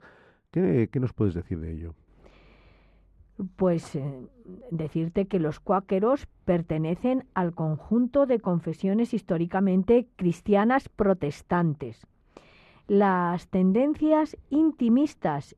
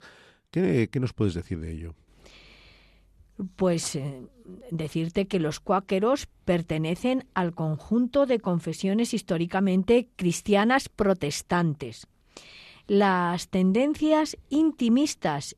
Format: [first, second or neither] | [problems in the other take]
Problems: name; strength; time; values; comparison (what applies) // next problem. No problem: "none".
second | muffled; very; fading above 2.5 kHz